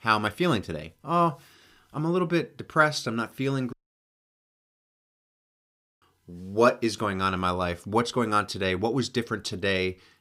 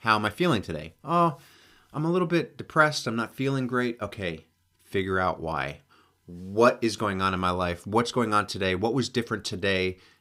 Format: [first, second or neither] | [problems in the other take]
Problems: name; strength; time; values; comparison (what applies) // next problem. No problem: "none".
second | audio cutting out; at 3.5 s for 2.5 s